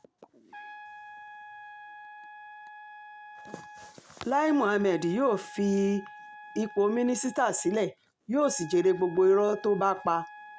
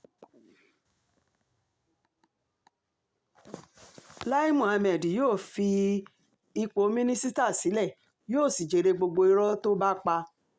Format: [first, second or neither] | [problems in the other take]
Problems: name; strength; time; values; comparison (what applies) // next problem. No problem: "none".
second | background sound (Trumpet); 18 dB below the speech